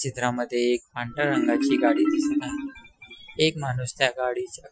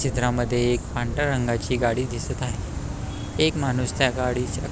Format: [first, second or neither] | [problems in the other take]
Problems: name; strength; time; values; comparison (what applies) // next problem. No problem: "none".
second | noise reduction (classical method Wiener filter)